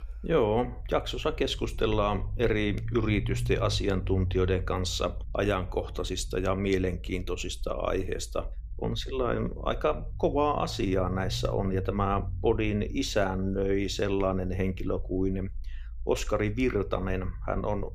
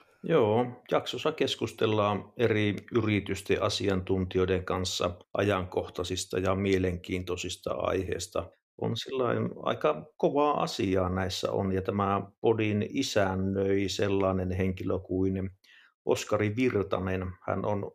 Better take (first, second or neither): second